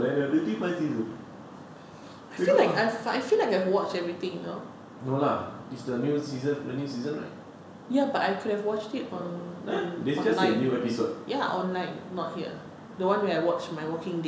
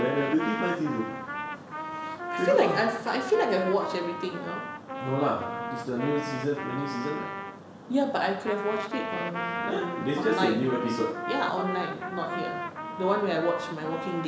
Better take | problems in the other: first | background sound (Trumpet); 6 dB below the speech

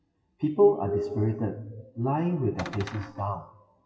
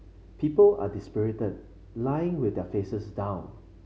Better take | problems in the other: second | noise reduction (classical method WPE with log-MMSE)

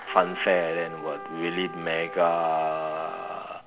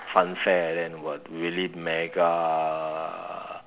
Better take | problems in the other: second | background sound (Trumpet); 12 dB below the speech

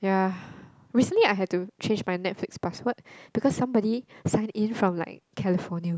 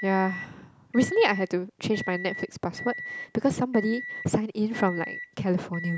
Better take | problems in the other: first | background sound (Microwave oven); 12 dB below the speech

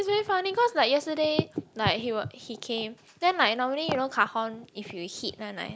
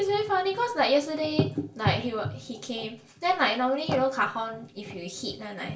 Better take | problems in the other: first | room echo; dies away in 0.3 s

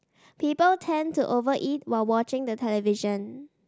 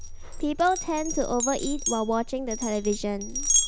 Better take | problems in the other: first | background sound (Glass); 2 dB below the speech

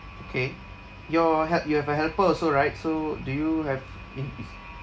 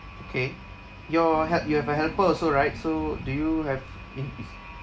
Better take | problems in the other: first | background sound (Engine / Car); 13 dB below the speech

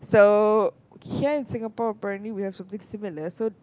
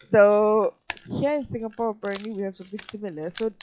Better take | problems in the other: first | noise reduction (classical method log-MMSE)

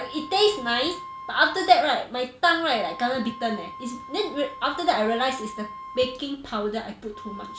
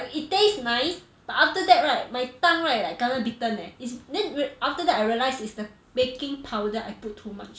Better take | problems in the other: second | background sound (Wind instrument, woodwind instrument); 15 dB below the speech

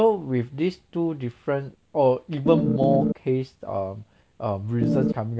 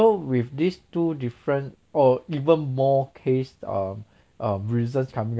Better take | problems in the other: second | background sound (Organ); 3 dB above the speech

